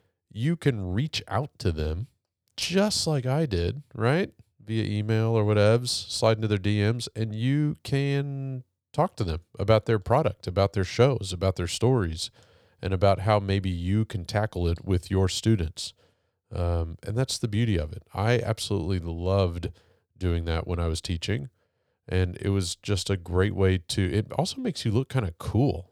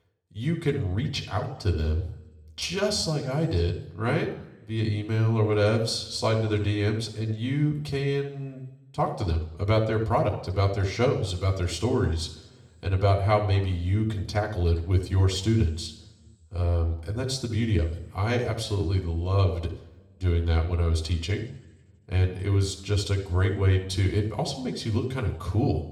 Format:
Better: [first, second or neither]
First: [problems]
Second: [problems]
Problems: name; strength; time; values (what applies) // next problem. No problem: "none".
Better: first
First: none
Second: room echo; slight; dies away in 0.8 s // off-mic speech; somewhat distant